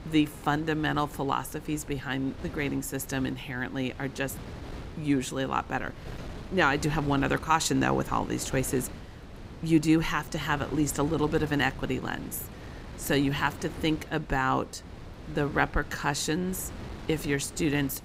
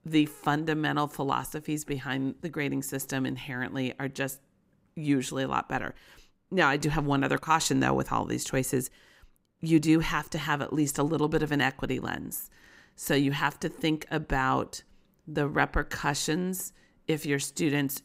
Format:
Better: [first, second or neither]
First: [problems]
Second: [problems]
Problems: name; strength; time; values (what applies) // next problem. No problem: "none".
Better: second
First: wind noise on the microphone; occasional gusts; 15 dB below the speech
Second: none